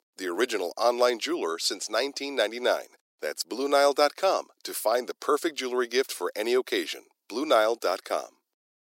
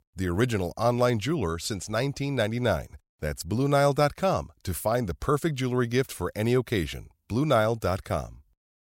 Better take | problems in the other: second | thin; somewhat; fading below 300 Hz

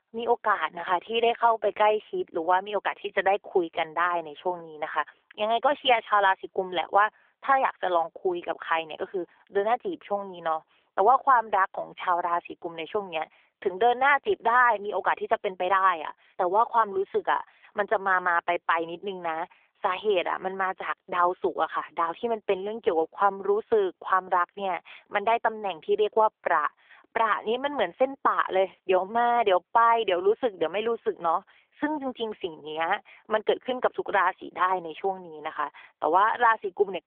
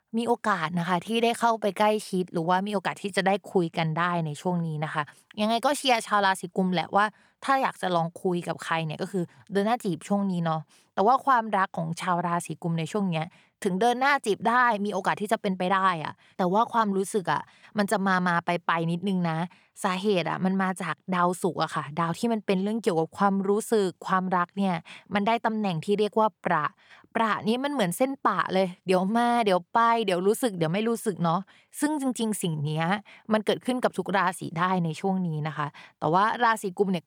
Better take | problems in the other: second | phone-call audio; nothing above 3.5 kHz

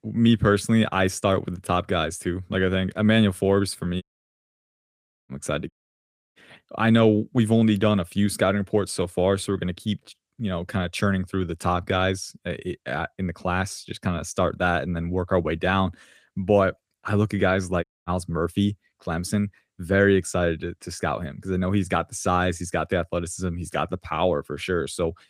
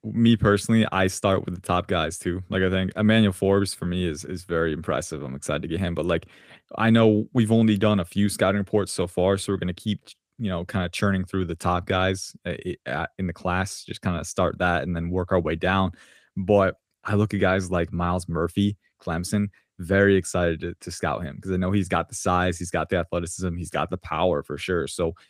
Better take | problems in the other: second | audio cutting out; at 4 s for 1.5 s, at 5.5 s for 0.5 s and at 18 s

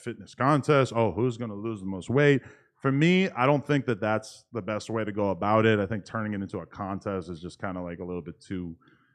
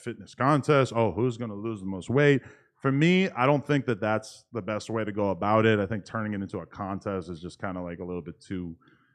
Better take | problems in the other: neither | none

